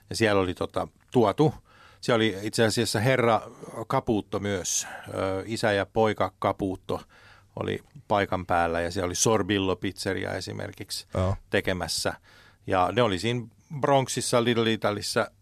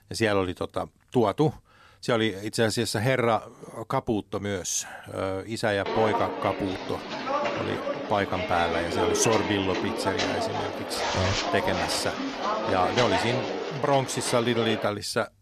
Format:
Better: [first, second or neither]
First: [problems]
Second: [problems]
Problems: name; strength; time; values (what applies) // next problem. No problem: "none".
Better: first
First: none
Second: footsteps; loud; from 6 to 15 s; peak 2 dB above the speech